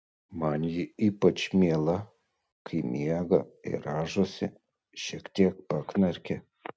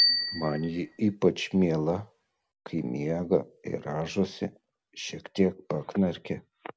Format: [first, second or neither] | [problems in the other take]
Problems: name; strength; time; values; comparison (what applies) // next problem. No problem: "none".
first | background sound (Bicycle bell); 7 dB below the speech